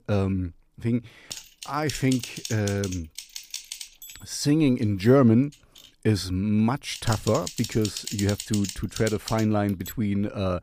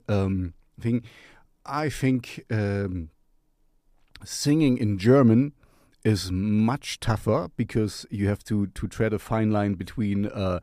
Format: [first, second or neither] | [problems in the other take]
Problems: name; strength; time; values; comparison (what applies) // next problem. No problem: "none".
second | keyboard typing; noticeable; from 1.5 to 10 s; peak 7 dB below the speech